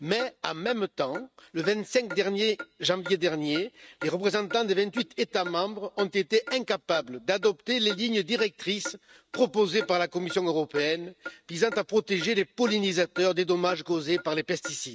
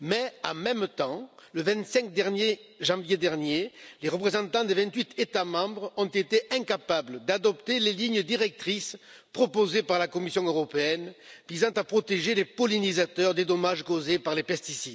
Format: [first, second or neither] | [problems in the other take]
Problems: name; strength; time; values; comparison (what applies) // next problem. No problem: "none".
second | noise reduction (neural mask model RNNoise)